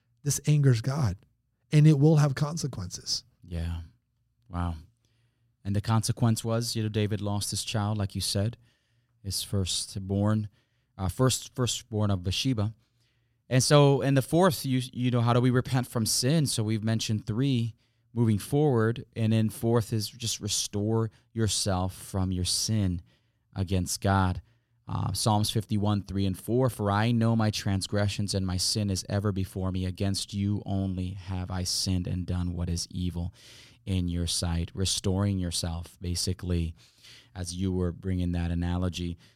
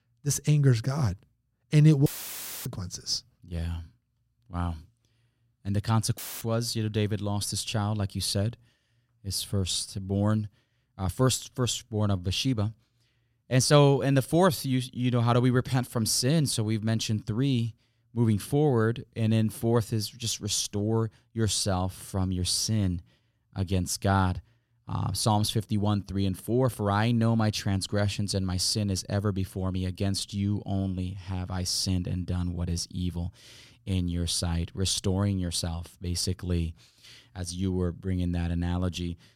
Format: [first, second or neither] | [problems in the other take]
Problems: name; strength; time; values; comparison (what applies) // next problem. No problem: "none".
first | audio cutting out; filled with static; at 2 s for 0.5 s and at 6 s